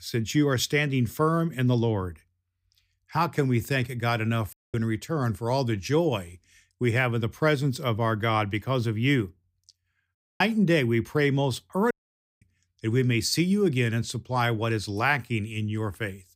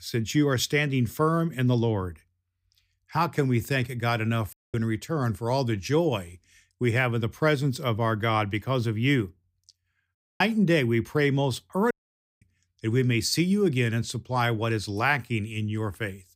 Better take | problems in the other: neither | audio cutting out; at 4.5 s, at 10 s and at 12 s for 0.5 s; the same in both

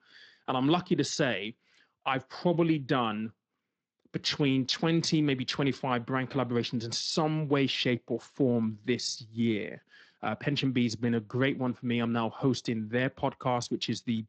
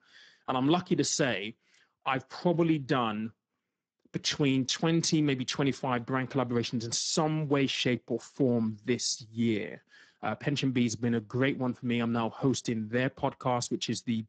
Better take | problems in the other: first | garbled, watery; badly; nothing above 7.5 kHz; slightly in the first

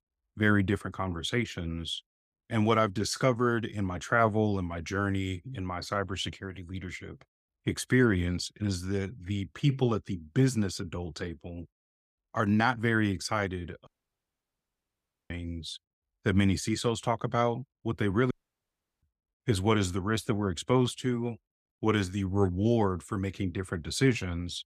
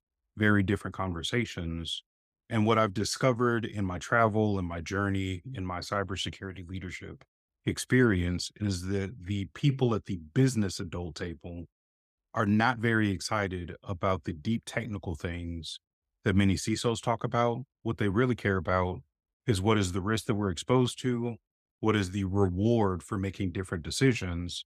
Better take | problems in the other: second | audio cutting out; at 14 s for 1.5 s and at 18 s for 0.5 s

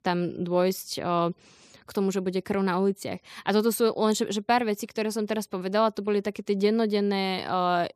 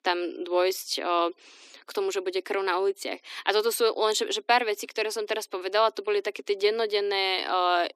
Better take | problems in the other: first | thin; very; fading below 250 Hz

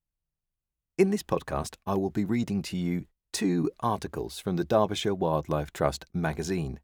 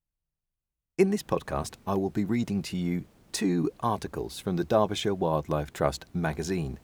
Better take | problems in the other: first | hiss; faint; from 1 s on; 30 dB below the speech

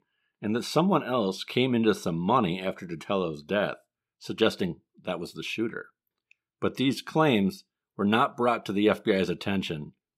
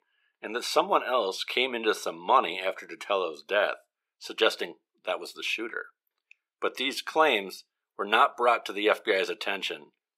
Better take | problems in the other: first | thin; very; fading below 450 Hz

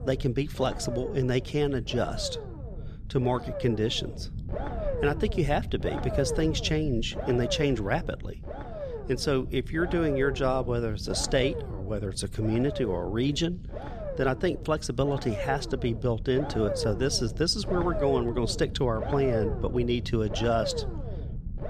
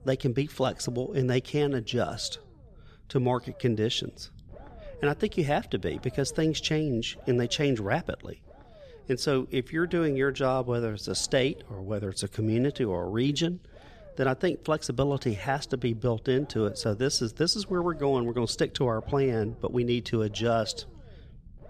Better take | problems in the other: second | low rumble; loud; throughout; 8 dB below the speech; faint in the second

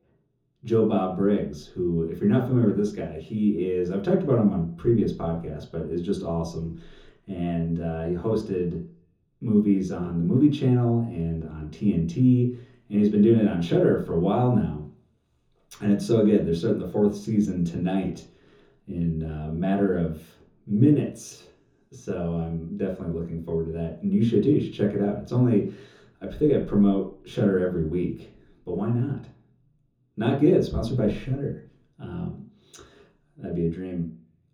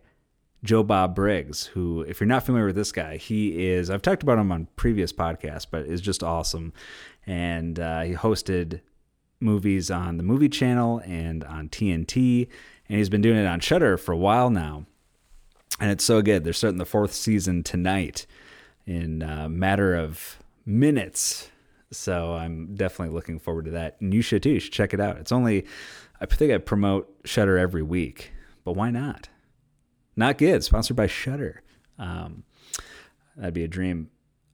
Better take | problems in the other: second | room echo; noticeable; dies away in 0.6 s // off-mic speech; far

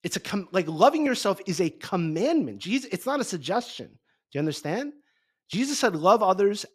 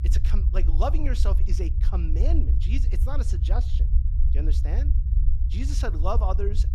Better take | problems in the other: first | low rumble; loud; throughout; 9 dB below the speech

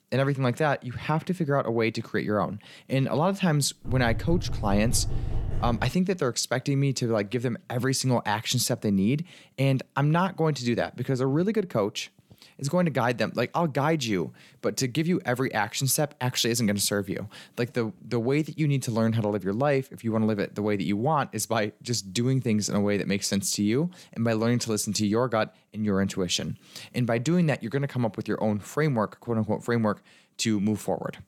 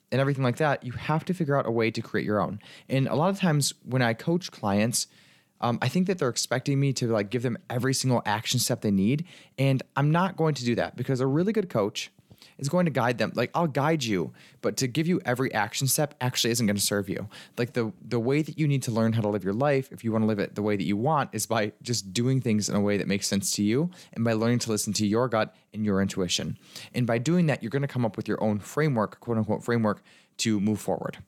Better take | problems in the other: second | door banging; noticeable; from 4 to 6 s; peak 6 dB below the speech

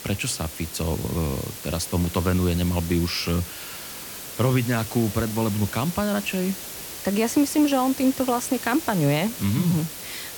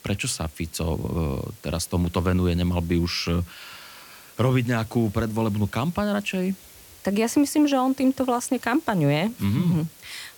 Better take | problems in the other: second | hiss; loud; throughout; 9 dB below the speech; faint in the second

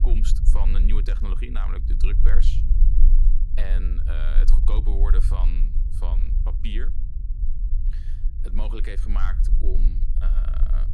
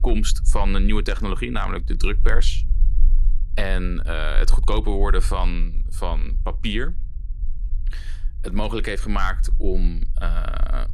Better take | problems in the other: second | low rumble; loud; throughout; 7 dB below the speech; faint in the second

